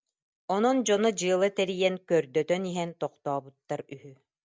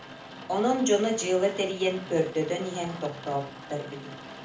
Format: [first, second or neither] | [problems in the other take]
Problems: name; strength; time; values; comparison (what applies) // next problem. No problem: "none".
first | background sound (Rain); 14 dB below the speech // room echo; dies away in 0.4 s